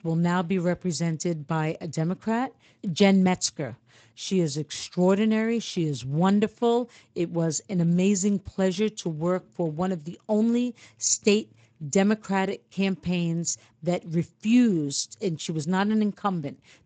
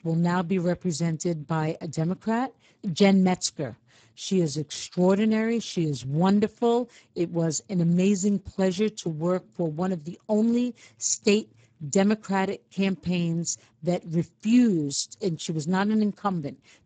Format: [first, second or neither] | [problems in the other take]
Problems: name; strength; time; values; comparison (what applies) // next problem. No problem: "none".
first | garbled, watery; badly; nothing above 7.5 kHz; slightly in the first